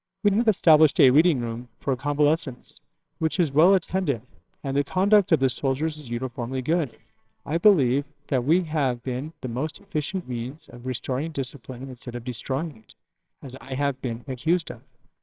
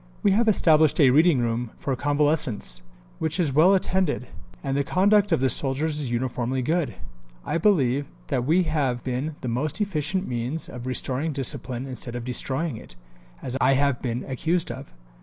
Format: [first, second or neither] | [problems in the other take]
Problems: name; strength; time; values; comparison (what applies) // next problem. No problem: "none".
second | noise reduction (neural separator model SepFormer WHAMR!)